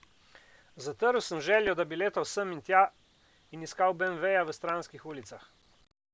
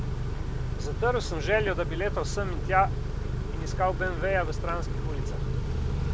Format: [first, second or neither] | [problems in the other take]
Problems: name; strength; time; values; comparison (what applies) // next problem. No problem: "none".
first | background sound (Idling / Accelerating, revving, vroom / Car); 1 dB above the speech